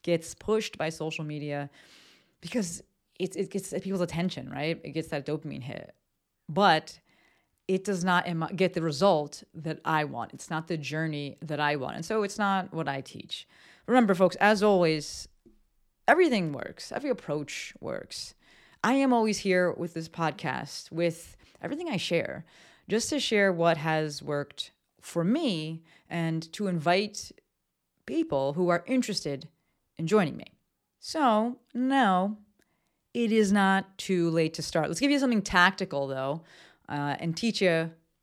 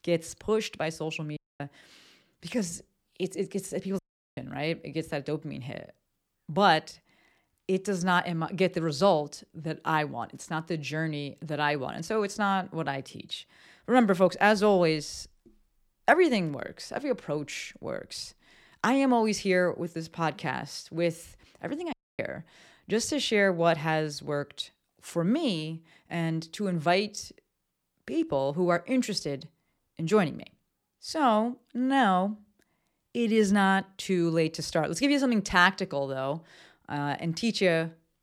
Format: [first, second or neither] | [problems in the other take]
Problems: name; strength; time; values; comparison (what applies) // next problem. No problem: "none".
first | audio cutting out; at 1.5 s, at 4 s and at 22 s